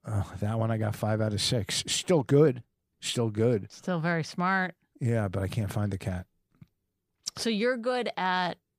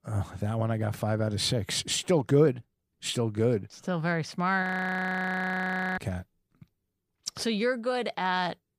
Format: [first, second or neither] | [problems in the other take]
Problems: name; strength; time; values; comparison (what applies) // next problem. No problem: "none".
first | audio freezing; at 4.5 s for 1.5 s